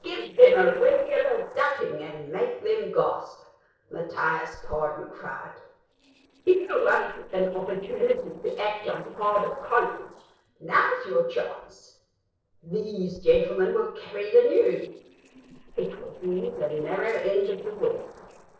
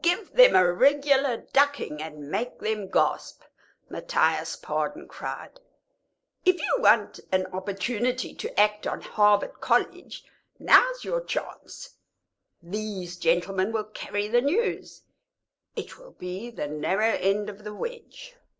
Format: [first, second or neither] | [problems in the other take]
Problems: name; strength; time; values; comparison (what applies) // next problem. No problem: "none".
second | noise reduction (neural separator model SepFormer DNS4)